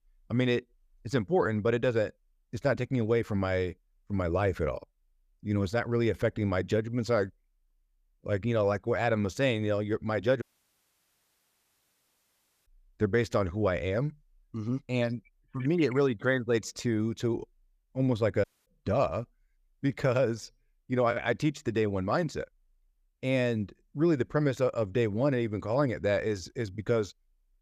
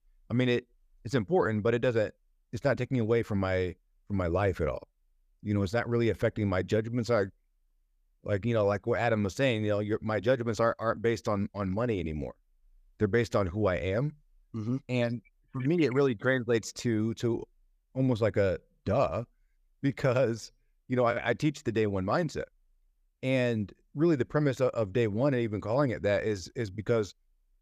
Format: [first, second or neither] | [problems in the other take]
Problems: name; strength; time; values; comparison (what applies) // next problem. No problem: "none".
second | audio cutting out; at 10 s for 2.5 s and at 18 s